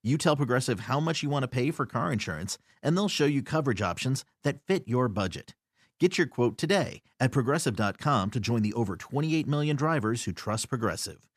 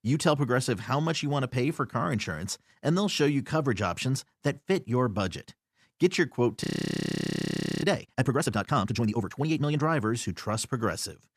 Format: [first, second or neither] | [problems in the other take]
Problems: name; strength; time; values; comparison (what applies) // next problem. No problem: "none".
first | audio freezing; at 6.5 s for 1 s